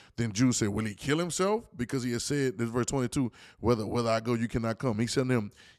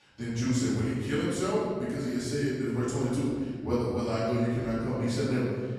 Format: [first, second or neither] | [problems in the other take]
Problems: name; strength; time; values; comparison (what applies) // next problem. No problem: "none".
first | room echo; strong; dies away in 1.8 s // off-mic speech; far